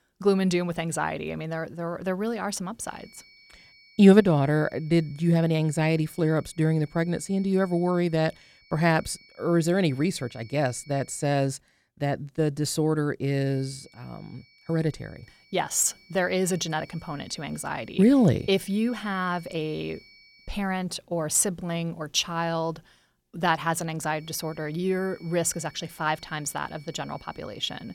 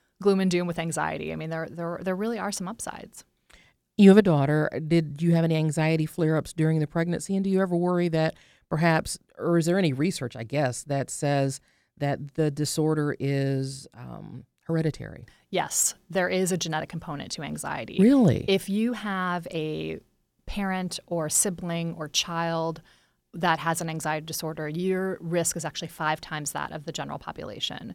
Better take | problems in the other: second | high-pitched whine; faint; from 3 to 11 s, from 13 to 21 s and from 24 s on; 2.5 kHz, 25 dB below the speech

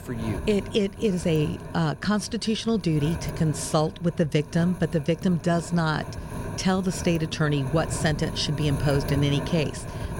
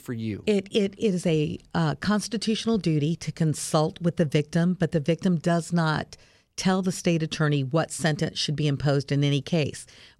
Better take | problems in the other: second | wind noise on the microphone; occasional gusts; 10 dB below the speech

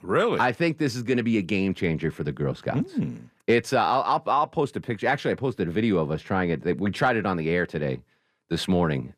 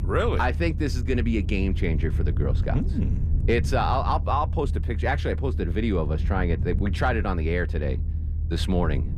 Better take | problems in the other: first | low rumble; noticeable; throughout; 15 dB below the speech

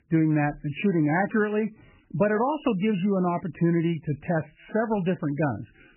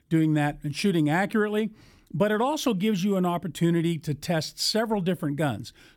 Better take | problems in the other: second | garbled, watery; badly; nothing above 3 kHz

